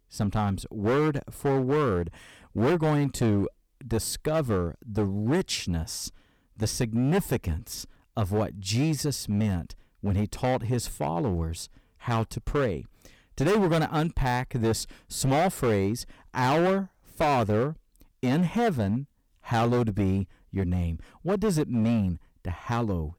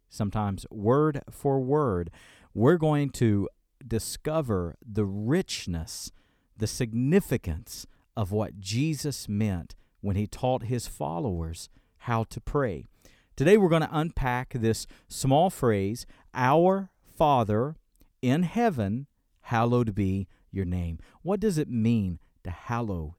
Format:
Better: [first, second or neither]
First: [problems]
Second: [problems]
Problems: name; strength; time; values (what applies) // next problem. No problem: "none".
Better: second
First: distortion; heavy; 11% of the sound clipped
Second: none